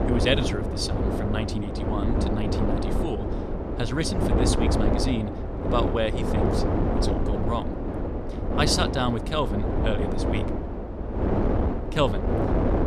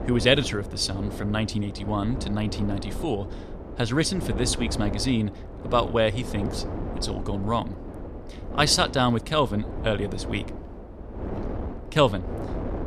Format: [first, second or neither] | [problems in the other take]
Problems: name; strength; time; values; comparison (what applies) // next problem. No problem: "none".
second | wind noise on the microphone; heavy; 1 dB below the speech; occasional gusts in the second